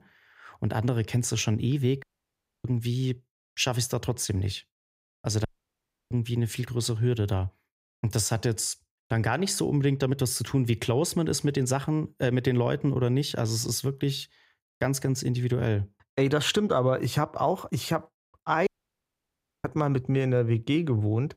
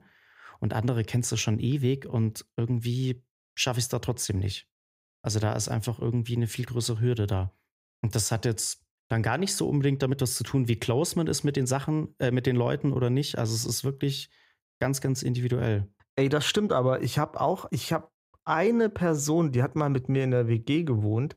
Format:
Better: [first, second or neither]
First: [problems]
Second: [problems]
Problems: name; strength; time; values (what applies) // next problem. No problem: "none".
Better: second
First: audio cutting out; at 2 s for 0.5 s, at 5.5 s for 0.5 s and at 19 s for 1 s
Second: none